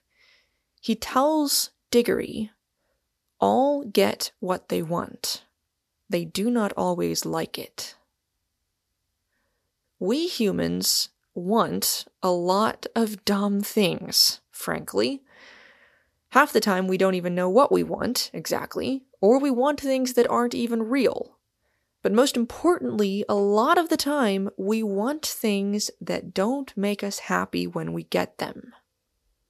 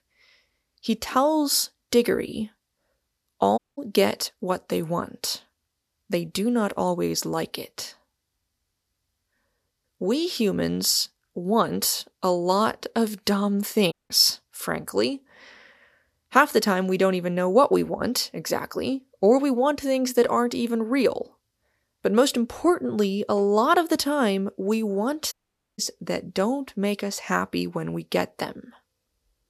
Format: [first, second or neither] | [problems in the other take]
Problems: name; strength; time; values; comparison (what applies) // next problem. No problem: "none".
first | audio cutting out; at 3.5 s, at 14 s and at 25 s